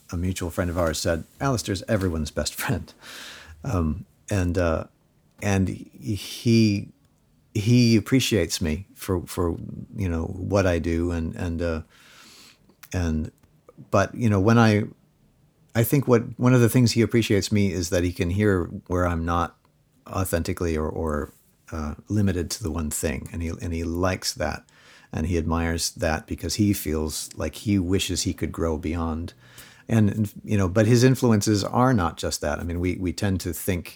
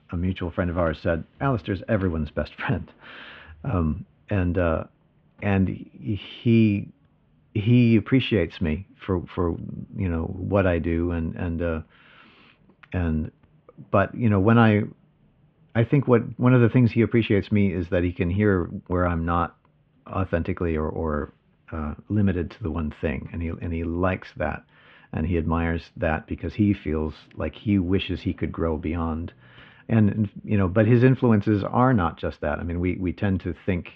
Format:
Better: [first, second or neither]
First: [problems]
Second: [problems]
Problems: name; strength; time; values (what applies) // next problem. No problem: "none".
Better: first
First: none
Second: muffled; very; fading above 3 kHz